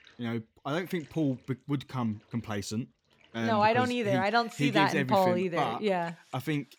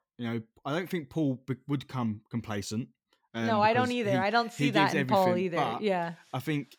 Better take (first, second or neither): second